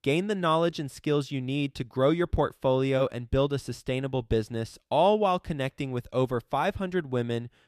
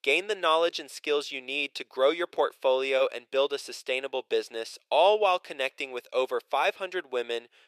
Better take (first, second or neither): first